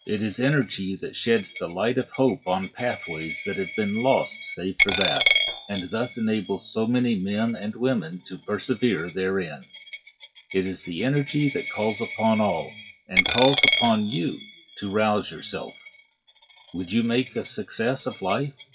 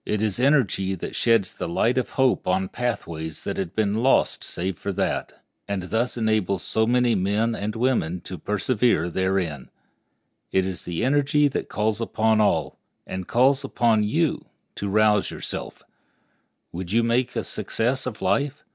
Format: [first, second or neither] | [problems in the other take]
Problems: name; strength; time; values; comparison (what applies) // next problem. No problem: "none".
second | noise reduction (classical method WPE with log-MMSE)